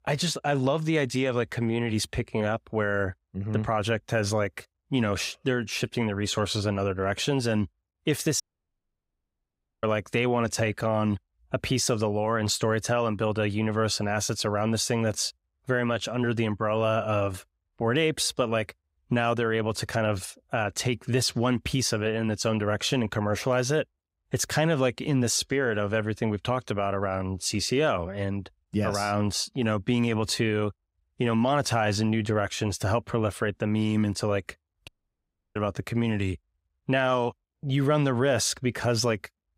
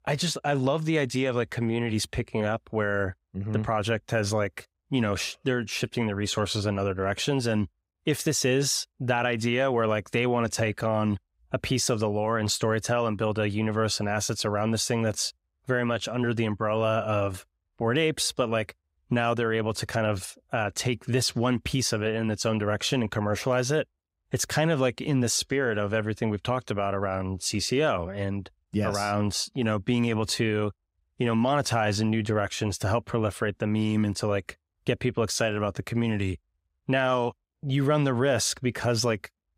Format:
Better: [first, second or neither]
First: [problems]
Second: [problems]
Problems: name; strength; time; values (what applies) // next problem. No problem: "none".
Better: second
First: audio cutting out; at 8.5 s for 1.5 s and at 35 s for 0.5 s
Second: none